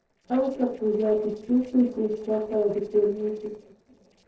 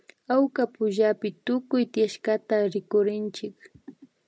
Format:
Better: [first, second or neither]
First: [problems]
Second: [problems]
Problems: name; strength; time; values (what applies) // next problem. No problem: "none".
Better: second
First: noise reduction (neural separator model SepFormer DNS4)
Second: none